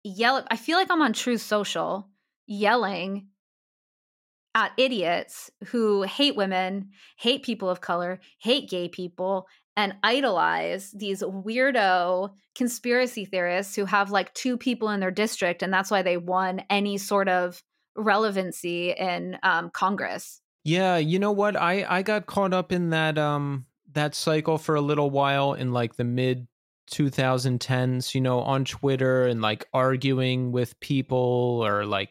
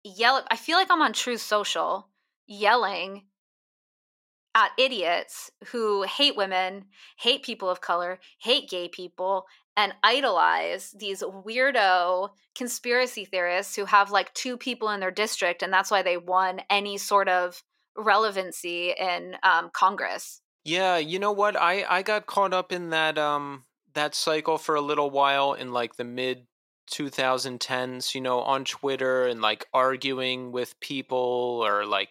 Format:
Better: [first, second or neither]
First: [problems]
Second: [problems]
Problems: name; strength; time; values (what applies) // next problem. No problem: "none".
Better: first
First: none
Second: thin; somewhat; fading below 400 Hz